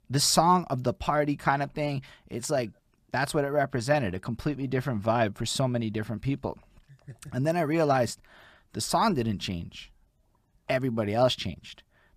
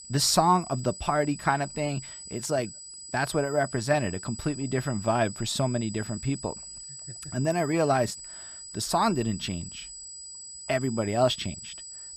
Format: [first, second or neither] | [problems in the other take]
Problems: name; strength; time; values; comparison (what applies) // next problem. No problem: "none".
first | high-pitched whine; noticeable; throughout; 8 kHz, 10 dB below the speech